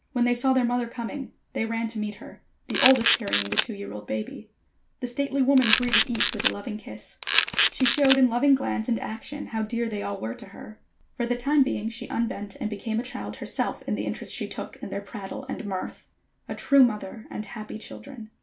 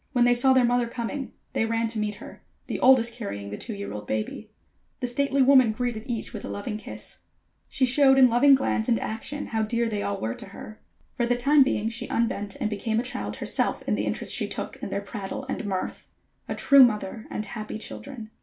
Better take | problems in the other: second | background sound (Camera); 1 dB above the speech

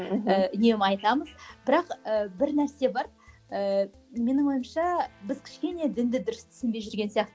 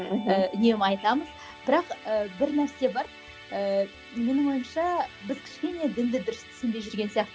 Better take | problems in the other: first | background sound (Musical instrument); 18 dB below the speech

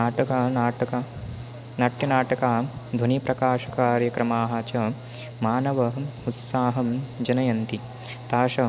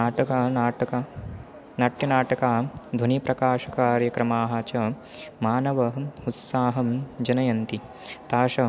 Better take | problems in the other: second | background sound (Mechanical fan); 15 dB below the speech

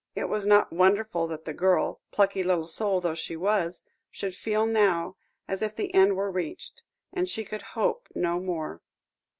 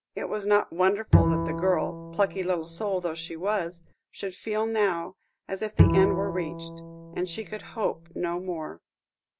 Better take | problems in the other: first | background sound (Bowed string instrument); as loud as the speech

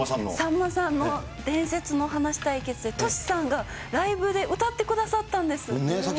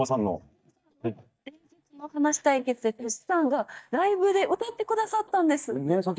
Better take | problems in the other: first | noise reduction (neural mask model DeepFilterNet 3)

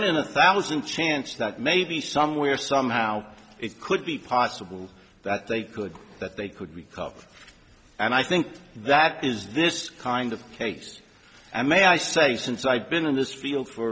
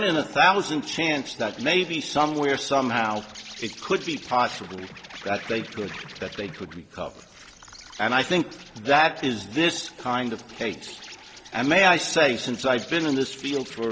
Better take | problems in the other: first | background sound (Insect); 18 dB below the speech

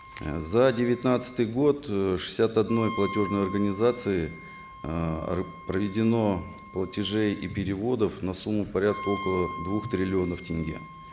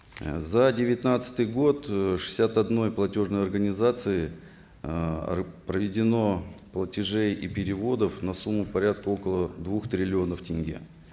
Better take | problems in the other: second | background sound (Wind instrument, woodwind instrument); 15 dB below the speech

